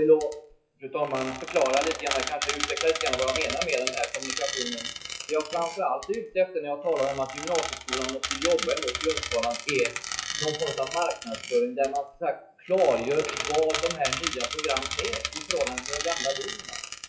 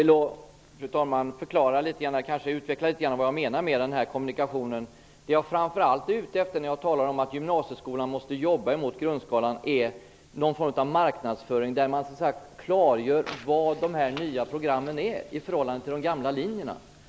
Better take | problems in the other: second | noise reduction (classical method WPE with log-MMSE)

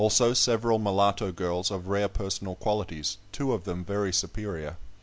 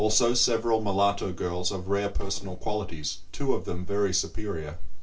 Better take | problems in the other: first | noise reduction (neural separator model SepFormer DNS4)

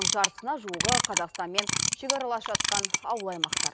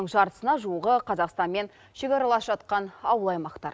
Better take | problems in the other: second | background sound (Clock); 4 dB above the speech

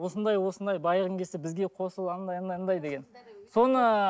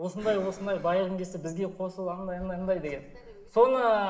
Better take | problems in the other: first | background sound (Breathing); 19 dB below the speech // room echo; dies away in 1 s

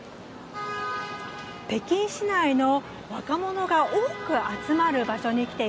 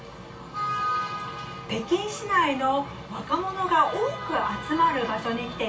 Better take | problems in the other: first | room echo; dies away in 0.2 s

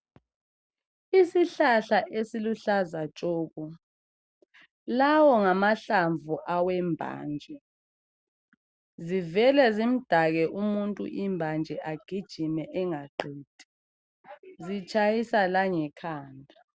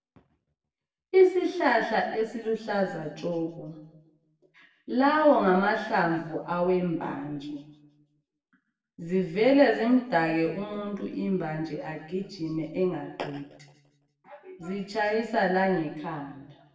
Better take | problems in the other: first | room echo; dies away in 0.9 s

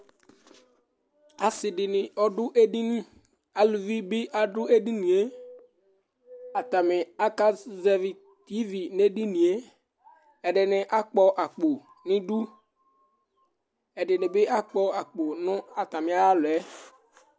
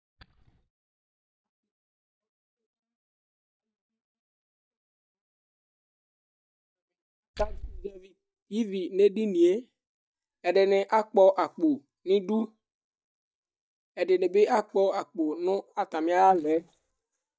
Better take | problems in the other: first | noise reduction (neural mask model DeepFilterNet 3)

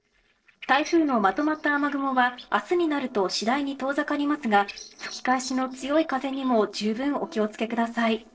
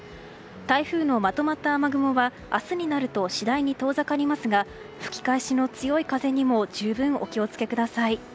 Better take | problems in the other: second | noise reduction (neural separator model SepFormer DNS4)

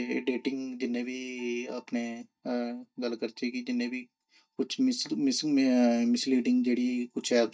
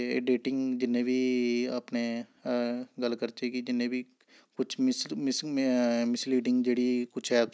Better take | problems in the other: second | noise reduction (neural mask model DeepFilterNet 3)

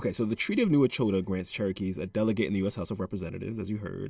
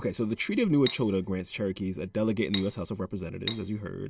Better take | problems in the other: first | background sound (Cutlery, silverware); 10 dB below the speech

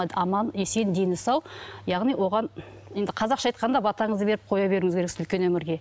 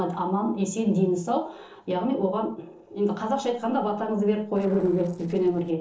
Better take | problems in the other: first | noise reduction (neural separator model SepFormer DNS4)

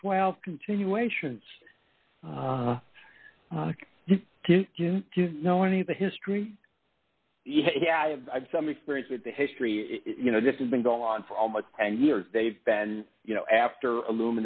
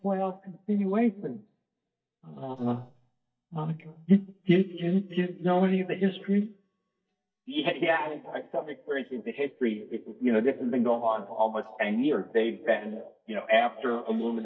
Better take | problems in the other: first | noise reduction (neural mask model DeepFilterNet 3)

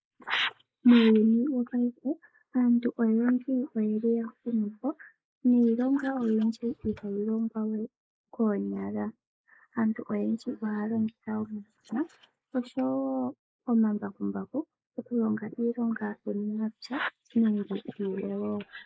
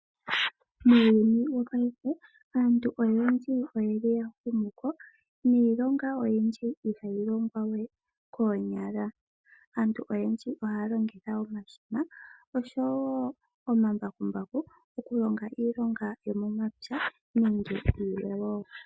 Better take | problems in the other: second | noise reduction (neural mask model Resemble Enhance denoiser)

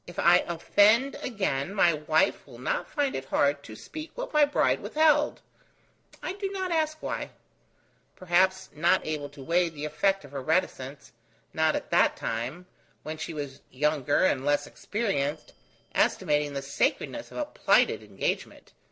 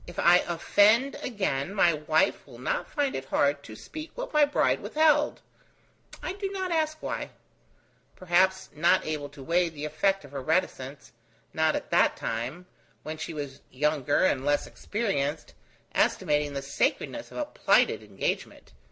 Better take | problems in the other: second | noise reduction (neural separator model SepFormer DNS4)

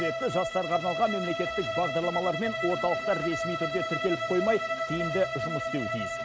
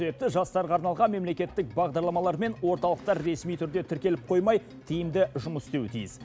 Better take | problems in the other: second | background sound (Bowed string instrument); 2 dB below the speech

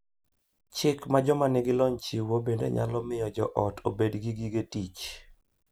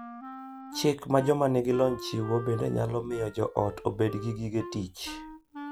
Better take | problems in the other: first | background sound (Wind instrument, woodwind instrument); 14 dB below the speech

